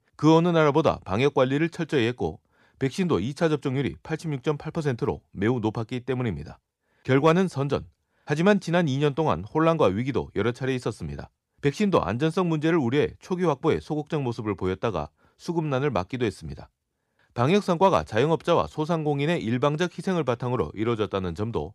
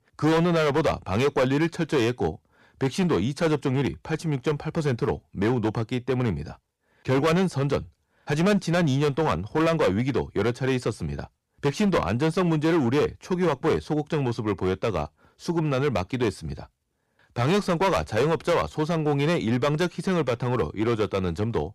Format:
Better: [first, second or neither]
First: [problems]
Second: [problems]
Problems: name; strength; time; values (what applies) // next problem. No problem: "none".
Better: first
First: none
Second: distortion; heavy; 10% of the sound clipped